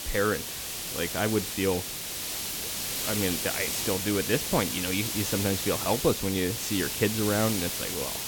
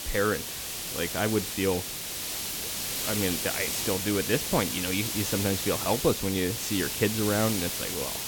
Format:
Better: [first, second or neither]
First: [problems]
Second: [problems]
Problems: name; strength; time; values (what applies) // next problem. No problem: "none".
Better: neither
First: hiss; loud; throughout; 1 dB below the speech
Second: hiss; loud; throughout; 1 dB below the speech